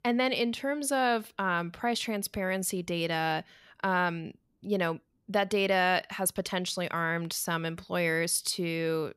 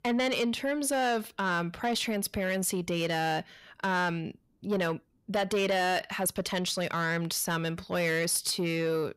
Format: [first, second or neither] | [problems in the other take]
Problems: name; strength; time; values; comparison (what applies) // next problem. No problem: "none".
first | distortion; slight; 10 dB below the speech